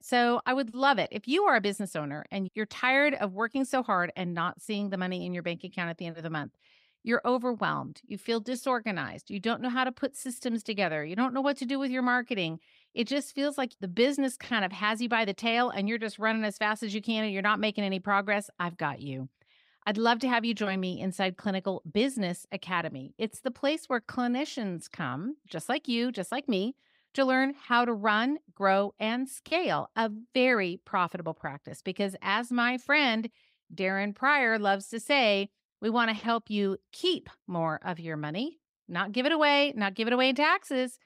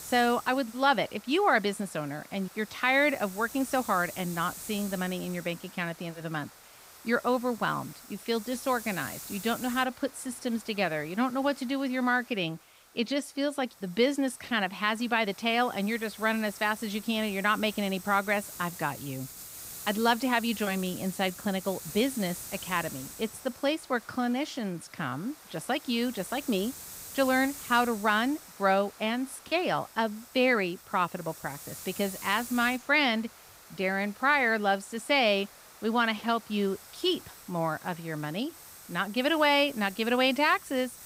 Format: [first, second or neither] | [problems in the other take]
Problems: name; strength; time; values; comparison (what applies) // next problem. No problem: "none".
first | hiss; noticeable; throughout; 15 dB below the speech